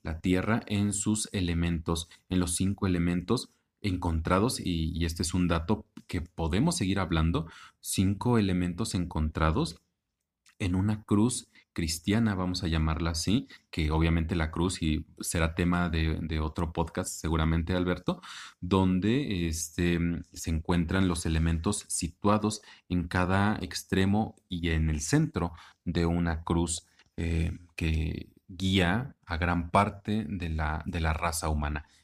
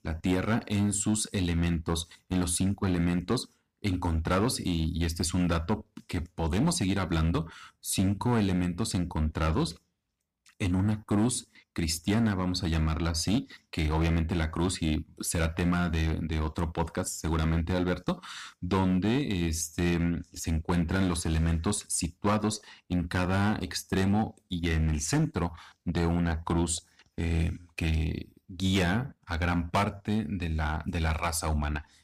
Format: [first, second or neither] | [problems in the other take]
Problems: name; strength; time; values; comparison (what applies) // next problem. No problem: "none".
first | distortion; slight; 6% of the sound clipped